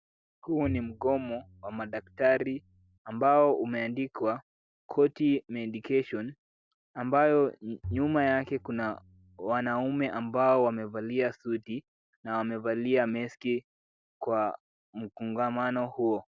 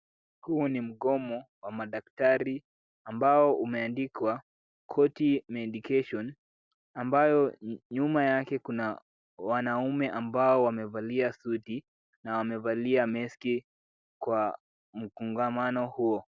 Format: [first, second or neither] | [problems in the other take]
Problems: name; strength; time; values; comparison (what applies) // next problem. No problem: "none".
second | background sound (Bowed string instrument); 15 dB below the speech